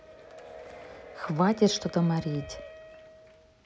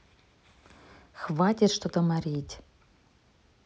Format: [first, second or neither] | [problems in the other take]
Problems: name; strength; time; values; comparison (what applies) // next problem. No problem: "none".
second | background sound (Wind instrument, woodwind instrument + Applause / Crowd / Cheering); 16 dB below the speech